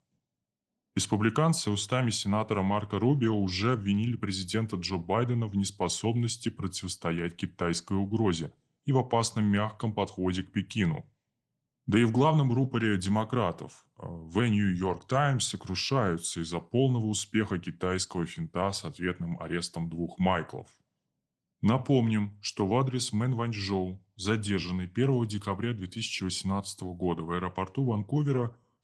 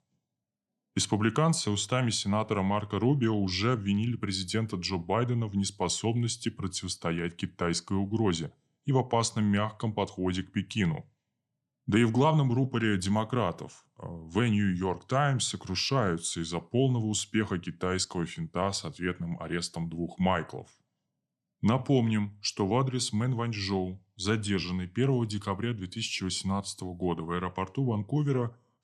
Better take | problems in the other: second | garbled, watery; slightly

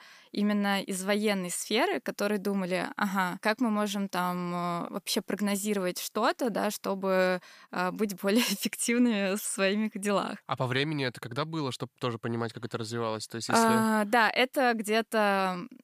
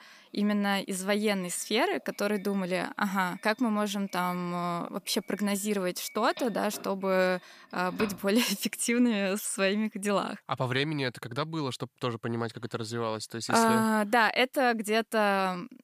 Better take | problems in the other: first | doorbell; noticeable; from 4 to 8 s; peak 9 dB below the speech

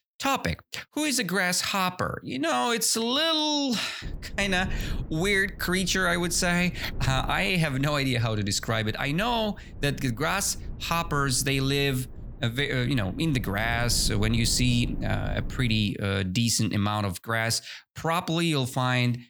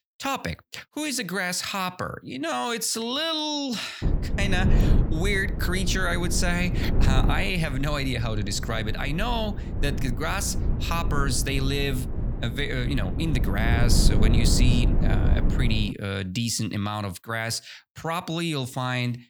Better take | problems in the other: first | low rumble; loud; from 4 to 16 s; 9 dB below the speech; faint in the first

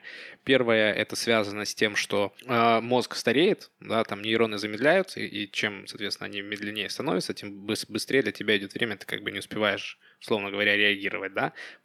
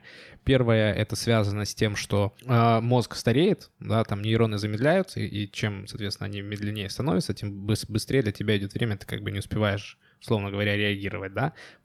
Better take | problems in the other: second | thin; somewhat; fading below 300 Hz

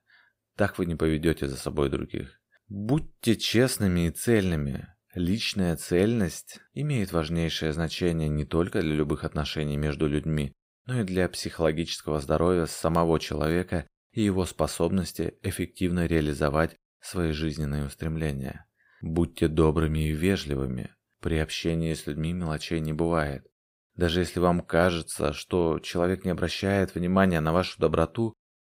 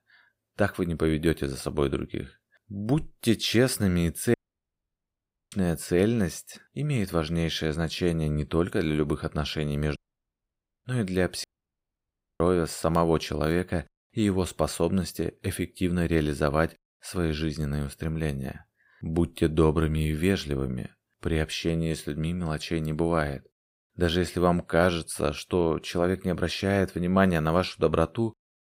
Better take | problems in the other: first | audio cutting out; at 4.5 s for 1 s, at 10 s for 1 s and at 11 s for 1 s

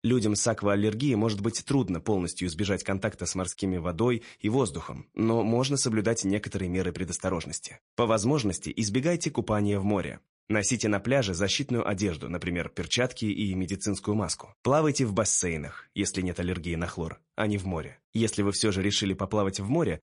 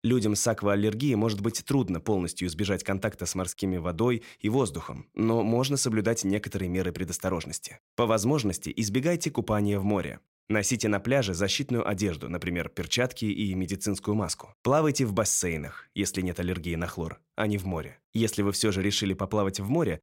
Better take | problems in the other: second | garbled, watery; slightly; nothing above 10.5 kHz

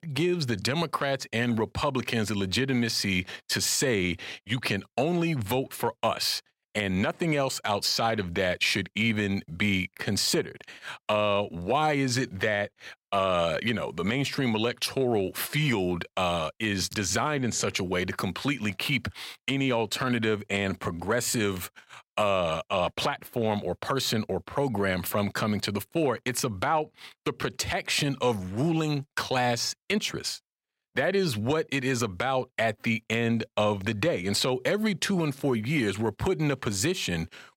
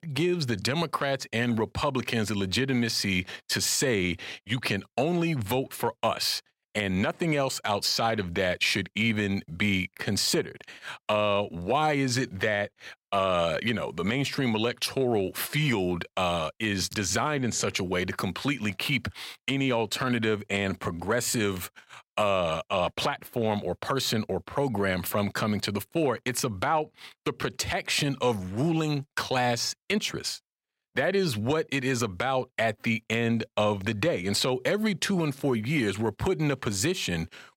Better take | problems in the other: neither | none

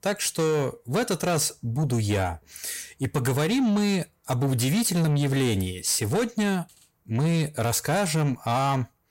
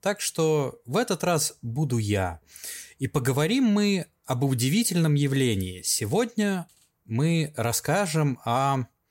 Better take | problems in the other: second | distortion; slight; 10 dB below the speech

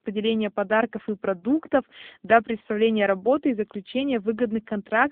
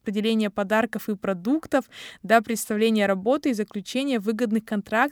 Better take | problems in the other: second | phone-call audio; poor line; nothing above 3 kHz

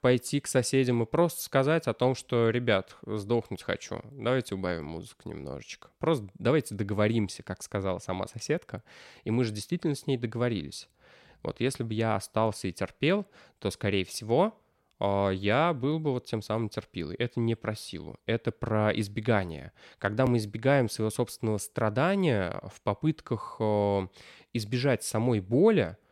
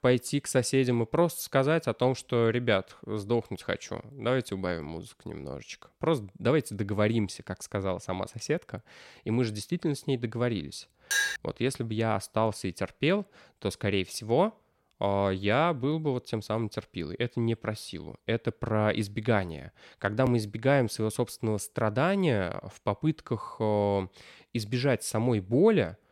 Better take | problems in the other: first | clattering dishes; loud; at 11 s; peak 2 dB above the speech

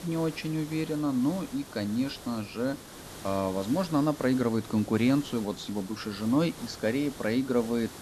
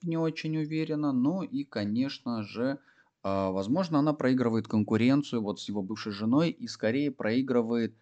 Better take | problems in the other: second | hiss; noticeable; throughout; 15 dB below the speech

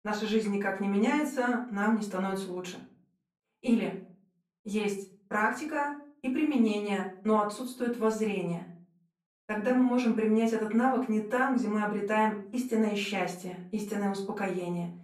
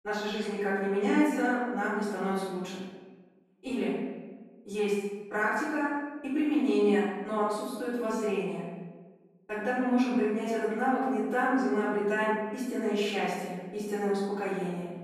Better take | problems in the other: first | room echo; strong; dies away in 1.2 s; slight in the first // off-mic speech; far; far in the first

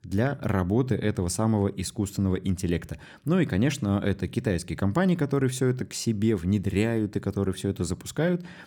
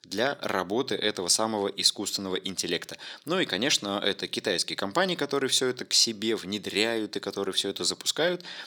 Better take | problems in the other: first | thin; somewhat; fading below 450 Hz

